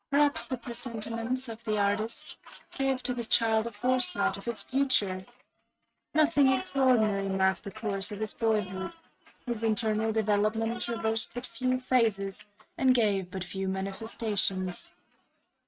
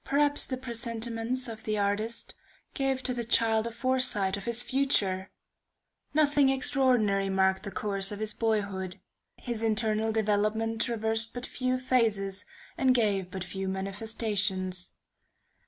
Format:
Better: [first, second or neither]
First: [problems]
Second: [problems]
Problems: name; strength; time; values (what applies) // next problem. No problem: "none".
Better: second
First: noise reduction (neural mask model RNNoise)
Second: none